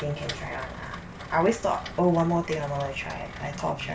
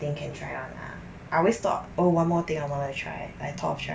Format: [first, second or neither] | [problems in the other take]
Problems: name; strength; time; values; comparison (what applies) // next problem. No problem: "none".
second | background sound (Rain); 13 dB below the speech